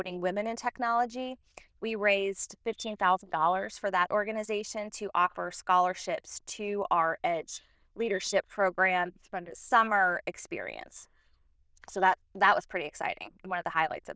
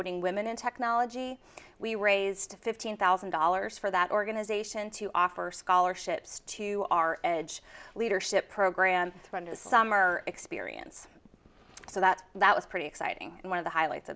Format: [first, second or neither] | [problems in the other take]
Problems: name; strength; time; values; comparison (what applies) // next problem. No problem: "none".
second | noise reduction (neural diffusion model UNIVERSE++)